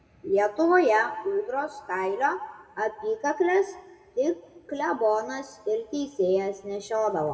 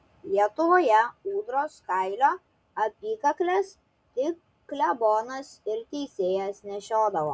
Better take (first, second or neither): second